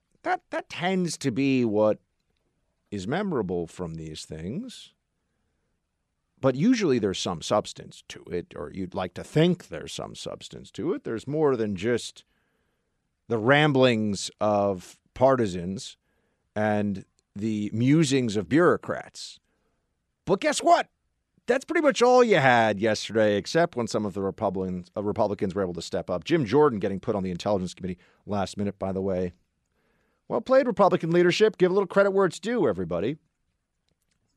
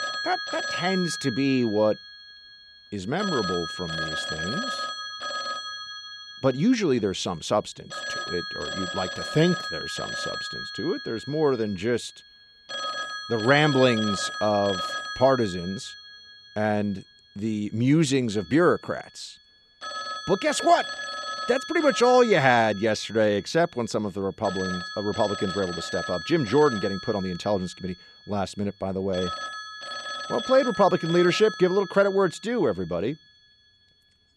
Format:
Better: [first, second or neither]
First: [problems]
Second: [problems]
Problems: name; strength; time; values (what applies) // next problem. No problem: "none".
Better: first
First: none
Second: alarms or sirens; loud; throughout; 8 dB below the speech